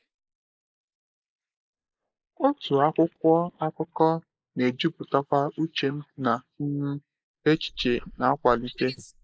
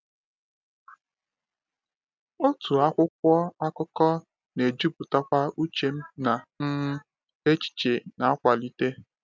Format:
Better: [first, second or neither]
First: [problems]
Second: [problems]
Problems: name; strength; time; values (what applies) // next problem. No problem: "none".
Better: second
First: noise reduction (neural mask model Resemble Enhance denoiser)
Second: none